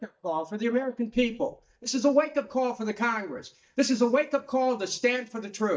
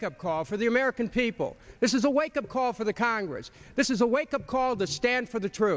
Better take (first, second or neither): second